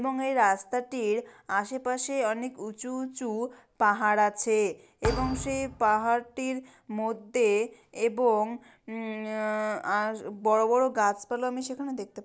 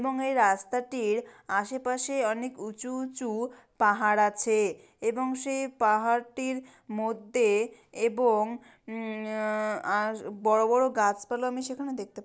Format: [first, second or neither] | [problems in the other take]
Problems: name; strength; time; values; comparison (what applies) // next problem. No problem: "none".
second | background sound (Thump, thud); 9 dB below the speech